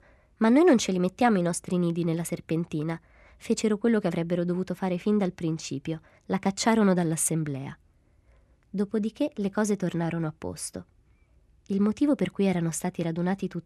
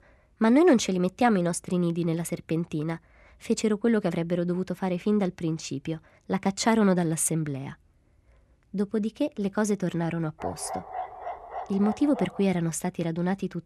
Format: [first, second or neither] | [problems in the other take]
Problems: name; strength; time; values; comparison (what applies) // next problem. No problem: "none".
first | dog barking; noticeable; from 10 to 12 s; peak 9 dB below the speech